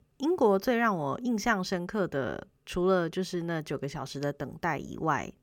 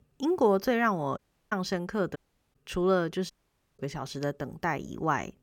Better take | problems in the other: first | audio cutting out; at 1 s, at 2 s and at 3.5 s

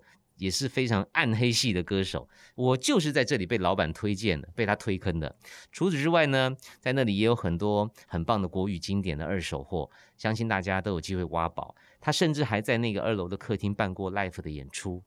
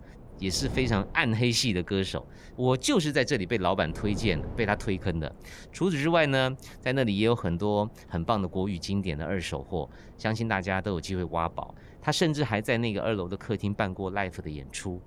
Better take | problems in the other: first | wind noise on the microphone; occasional gusts; 20 dB below the speech

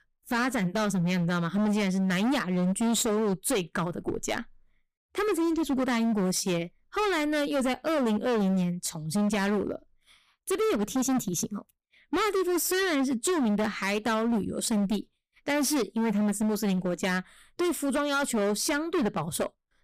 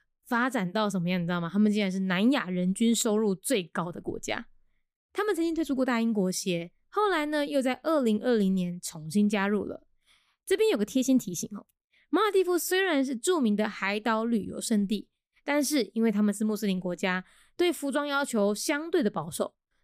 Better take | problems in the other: second | distortion; heavy; 24% of the sound clipped

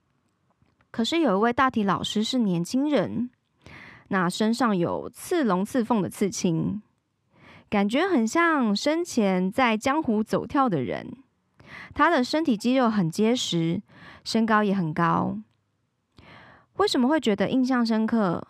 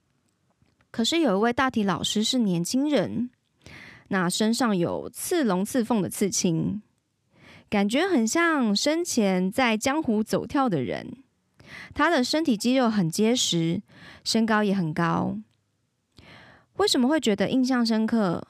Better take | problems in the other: second | muffled; very slightly; fading above 4 kHz

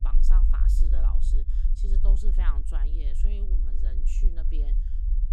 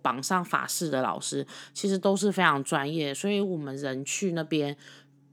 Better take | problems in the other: second | low rumble; loud; throughout; 4 dB below the speech

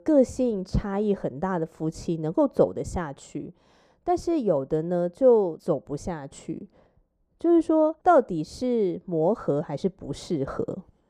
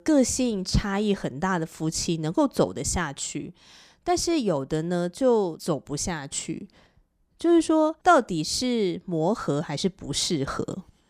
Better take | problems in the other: second | muffled; very; fading above 1.5 kHz

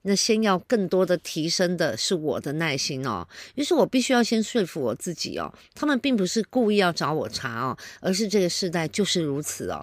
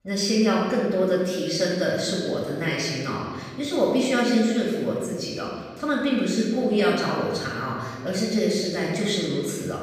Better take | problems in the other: first | off-mic speech; far // room echo; noticeable; dies away in 1.5 s

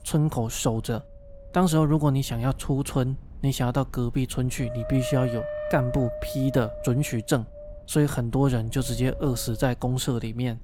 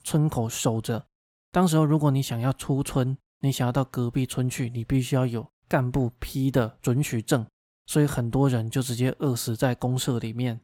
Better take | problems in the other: second | wind noise on the microphone; heavy; 5 dB below the speech

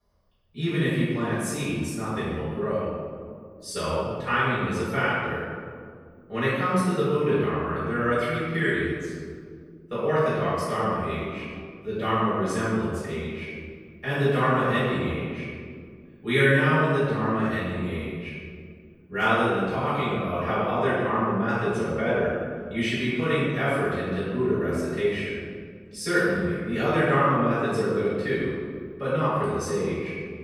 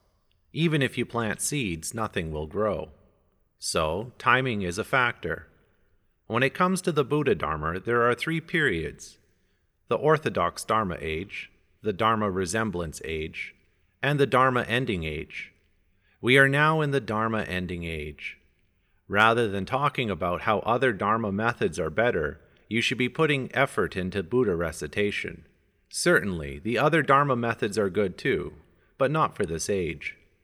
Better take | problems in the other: second | off-mic speech; far // room echo; strong; dies away in 1.9 s

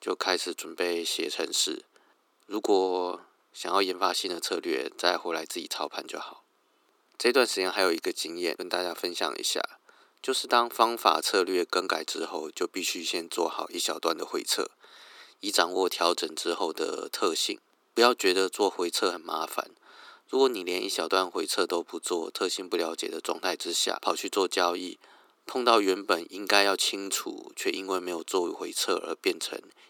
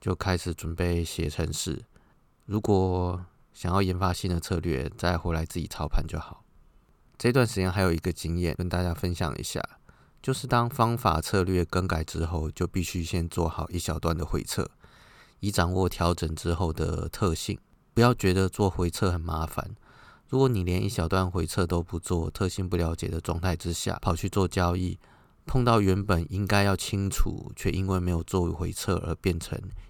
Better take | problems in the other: second | thin; very; fading below 300 Hz

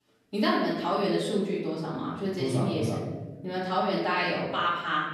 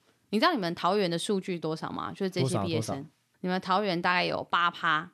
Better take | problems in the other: second | off-mic speech; far // room echo; noticeable; dies away in 1.2 s

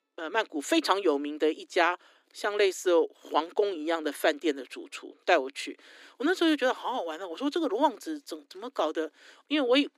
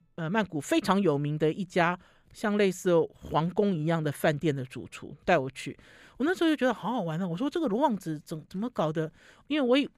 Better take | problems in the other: second | thin; very slightly; fading below 300 Hz

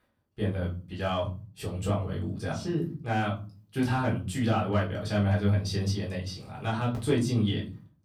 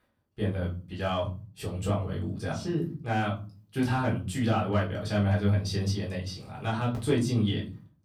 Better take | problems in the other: neither | off-mic speech; far; the same in both // room echo; very slight; dies away in 0.4 s; the same in both

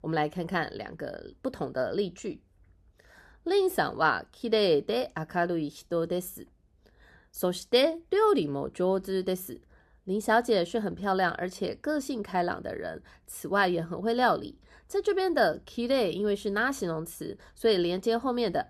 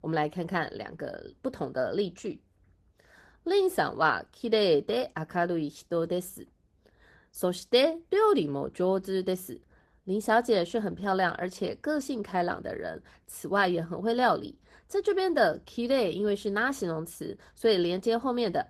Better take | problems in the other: first | garbled, watery; slightly; nothing above 13.5 kHz

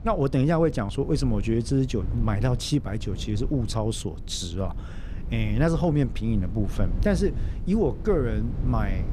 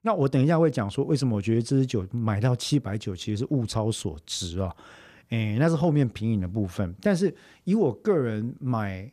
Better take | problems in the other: second | wind noise on the microphone; occasional gusts; 15 dB below the speech

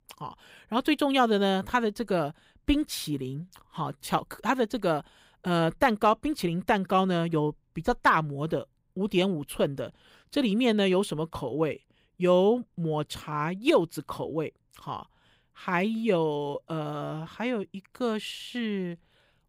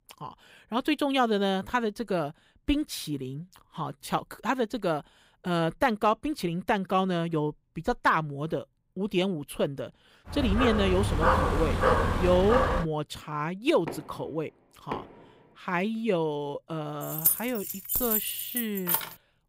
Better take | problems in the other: first | dog barking; loud; from 10 to 13 s; peak 5 dB above the speech // door banging; faint; from 14 to 15 s; peak 10 dB below the speech // jangling keys; loud; from 17 s on; peak 5 dB above the speech

